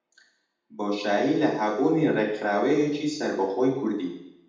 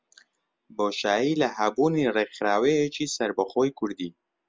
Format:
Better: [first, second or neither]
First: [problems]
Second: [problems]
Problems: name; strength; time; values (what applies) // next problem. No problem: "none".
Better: second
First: room echo; dies away in 0.8 s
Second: none